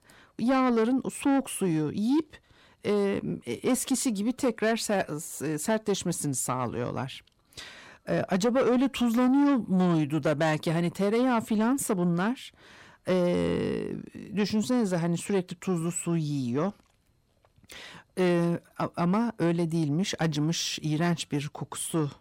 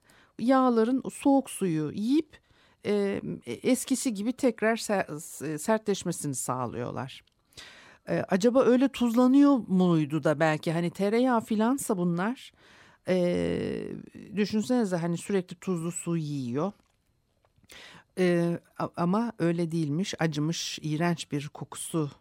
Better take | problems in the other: second | distortion; slight; 10 dB below the speech

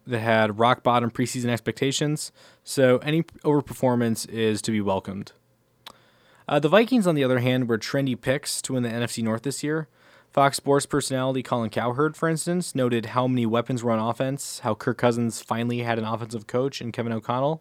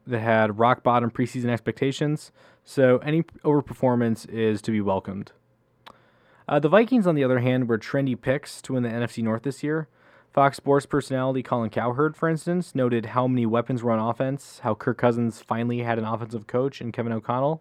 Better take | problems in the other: first | muffled; slightly; fading above 3 kHz

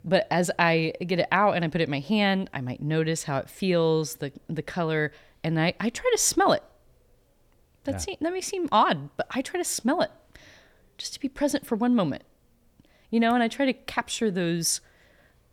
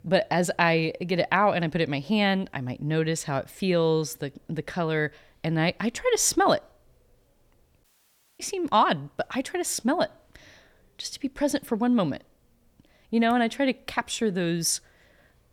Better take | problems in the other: first | audio cutting out; at 8 s for 0.5 s

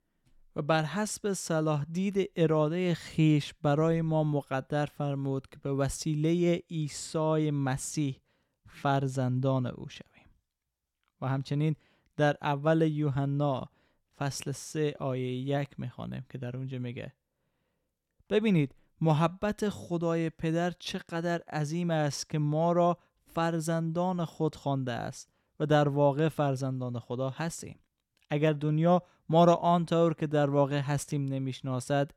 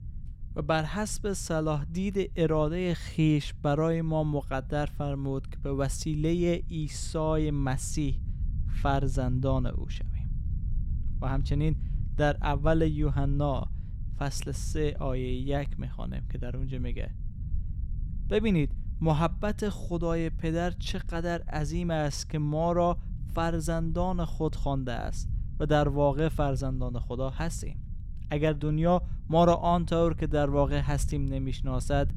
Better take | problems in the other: first | low rumble; faint; throughout; 25 dB below the speech

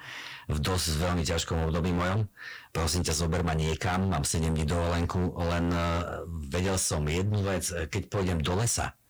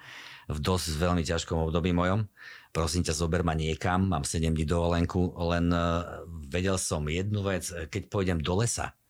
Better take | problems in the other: second | distortion; heavy; 20% of the sound clipped

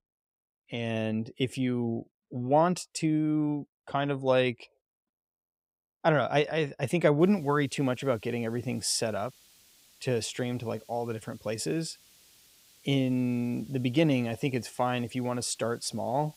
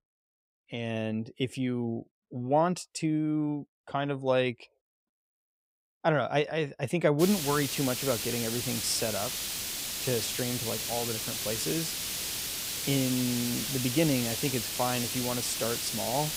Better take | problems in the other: first | hiss; loud; from 7 s on; 1 dB below the speech; faint in the first

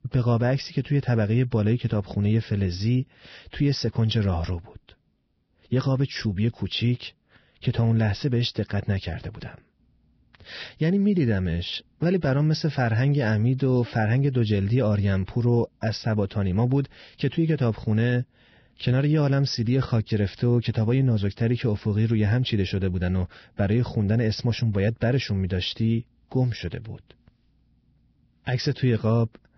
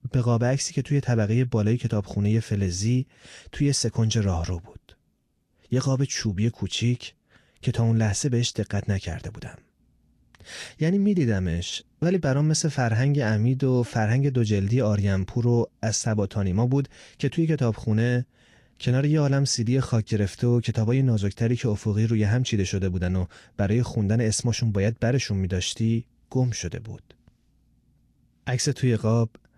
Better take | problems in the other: second | garbled, watery; badly; nothing above 5.5 kHz; slightly in the second

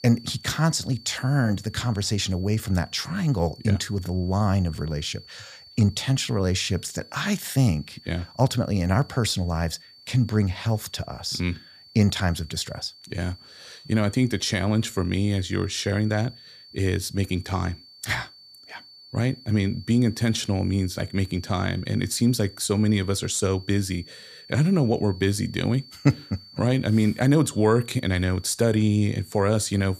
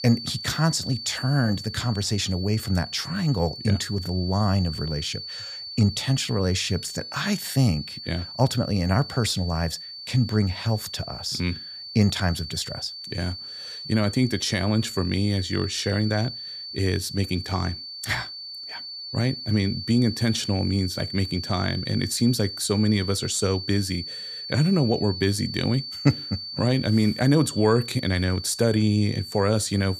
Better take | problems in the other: first | high-pitched whine; loud; throughout; 4.5 kHz, 9 dB below the speech; faint in the first

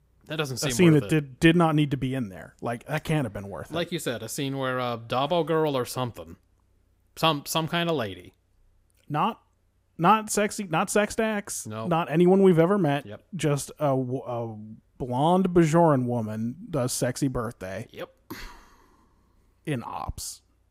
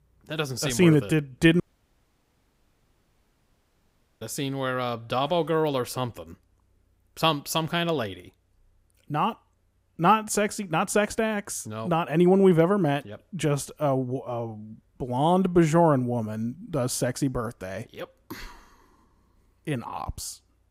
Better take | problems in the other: first | audio cutting out; at 1.5 s for 2.5 s

